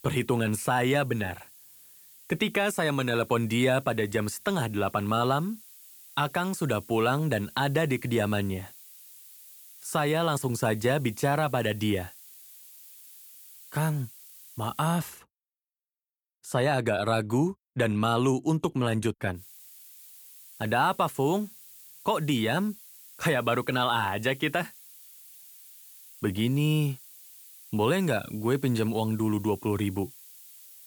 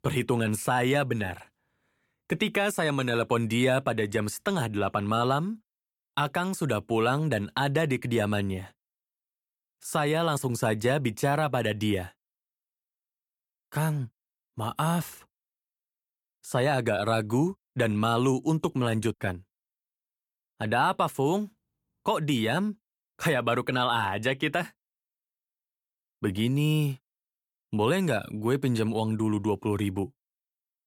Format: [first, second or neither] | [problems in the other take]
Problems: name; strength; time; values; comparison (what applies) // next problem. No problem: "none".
second | hiss; noticeable; until 15 s and from 19 s on; 20 dB below the speech